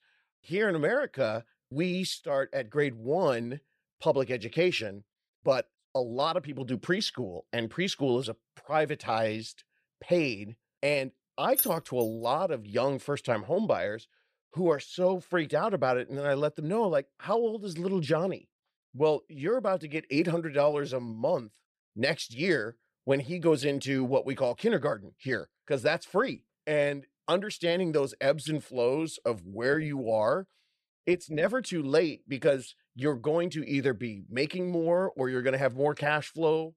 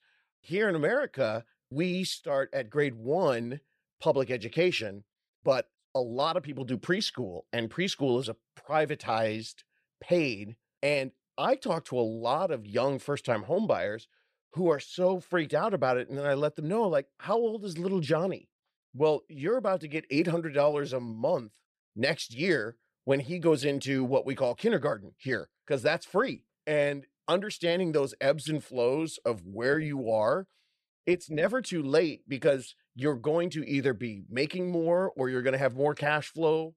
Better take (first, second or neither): second